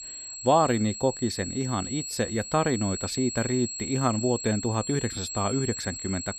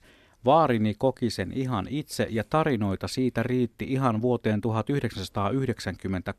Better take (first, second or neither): second